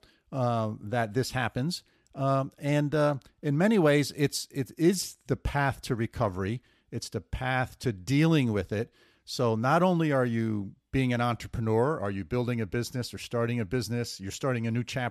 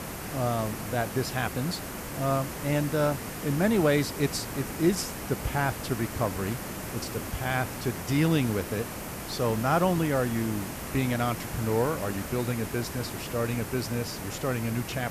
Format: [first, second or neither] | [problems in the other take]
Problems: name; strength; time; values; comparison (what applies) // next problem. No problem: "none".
first | hiss; loud; throughout; 7 dB below the speech